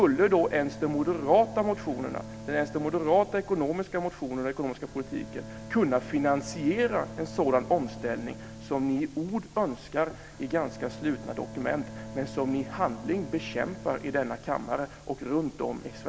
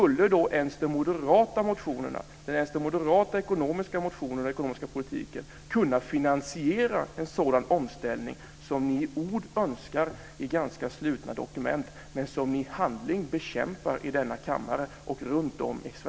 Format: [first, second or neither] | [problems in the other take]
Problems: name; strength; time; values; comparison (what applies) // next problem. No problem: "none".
second | background sound (Bowed string instrument); 15 dB below the speech